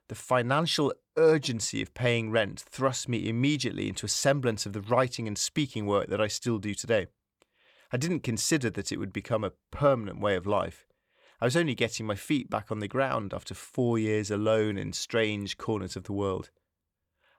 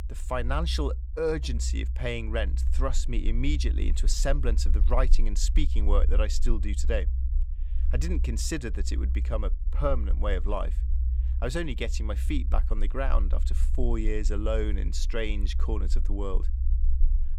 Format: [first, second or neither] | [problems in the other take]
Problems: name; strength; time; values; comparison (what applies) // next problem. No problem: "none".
first | low rumble; noticeable; throughout; 15 dB below the speech